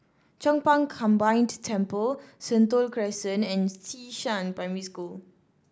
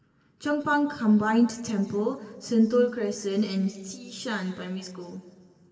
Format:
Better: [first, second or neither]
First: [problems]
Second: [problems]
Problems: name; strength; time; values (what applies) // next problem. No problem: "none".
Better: first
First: none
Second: room echo; dies away in 1.8 s